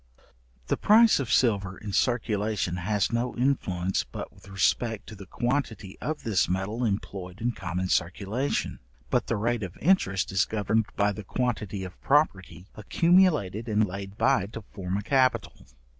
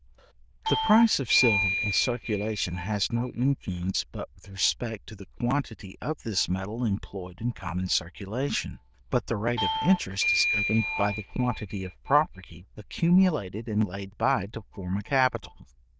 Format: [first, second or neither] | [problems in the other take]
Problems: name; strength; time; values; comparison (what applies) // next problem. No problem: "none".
first | noise reduction (neural diffusion model UNIVERSE++)